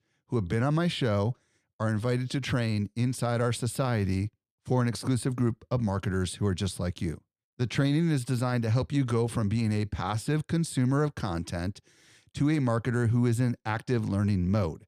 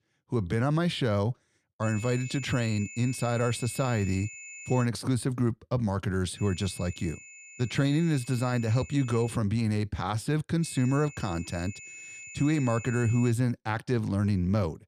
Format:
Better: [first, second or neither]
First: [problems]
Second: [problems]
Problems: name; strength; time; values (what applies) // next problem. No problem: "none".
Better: first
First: none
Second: high-pitched whine; noticeable; from 2 to 5 s, from 6.5 to 9.5 s and from 11 to 13 s; 2.5 kHz, 15 dB below the speech